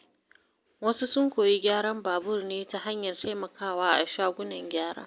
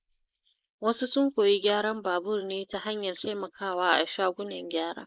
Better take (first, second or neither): first